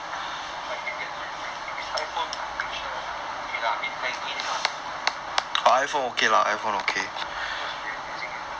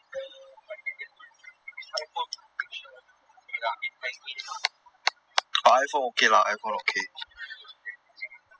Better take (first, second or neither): first